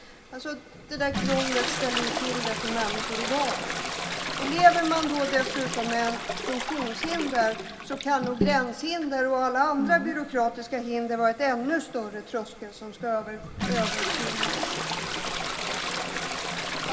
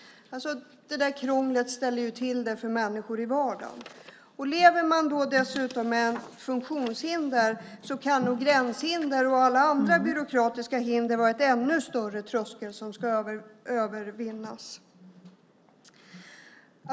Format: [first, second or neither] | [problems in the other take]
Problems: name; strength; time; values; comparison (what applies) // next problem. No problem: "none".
second | background sound (Toilet flush); 4 dB below the speech // room echo; dies away in 1.6 s